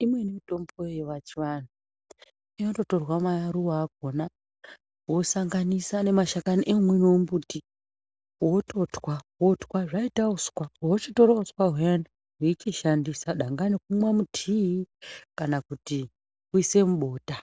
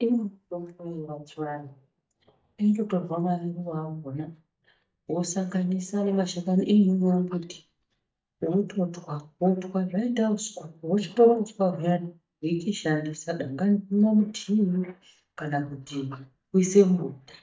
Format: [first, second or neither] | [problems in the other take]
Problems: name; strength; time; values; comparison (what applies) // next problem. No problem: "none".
first | noise reduction (neural mask model DeepFilterNet 3)